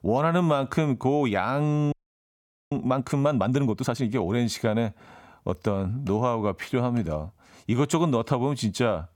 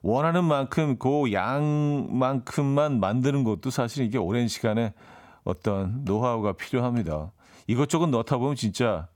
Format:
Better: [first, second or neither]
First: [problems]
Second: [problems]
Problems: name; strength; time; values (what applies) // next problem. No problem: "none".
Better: second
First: audio freezing; at 2 s for 1 s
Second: none